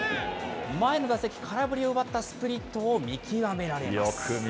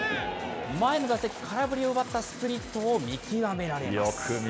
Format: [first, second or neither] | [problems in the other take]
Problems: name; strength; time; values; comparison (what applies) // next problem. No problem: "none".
first | background sound (Fill (with liquid)); 18 dB below the speech